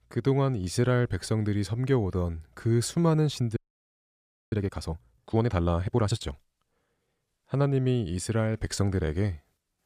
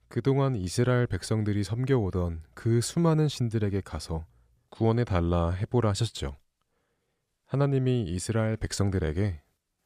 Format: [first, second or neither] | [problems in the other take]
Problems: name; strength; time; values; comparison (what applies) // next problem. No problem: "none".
second | audio freezing; at 3.5 s for 1 s